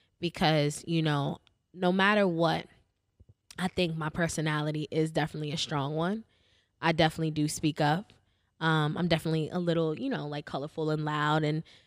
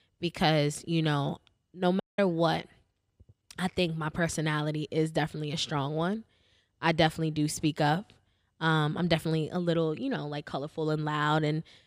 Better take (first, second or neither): first